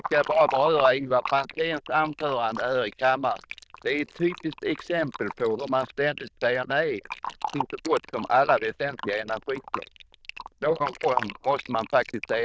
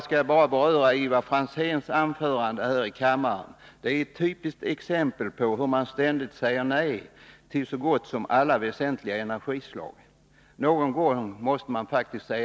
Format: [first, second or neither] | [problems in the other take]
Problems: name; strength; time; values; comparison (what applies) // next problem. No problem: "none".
second | noise reduction (neural diffusion model UNIVERSE++)